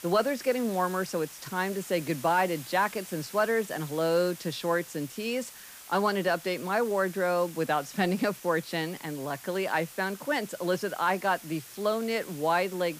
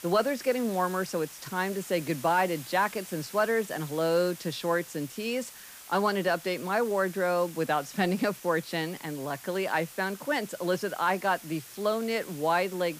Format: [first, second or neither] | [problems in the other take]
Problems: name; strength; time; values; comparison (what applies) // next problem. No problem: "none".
neither | hiss; noticeable; throughout; 15 dB below the speech; the same in both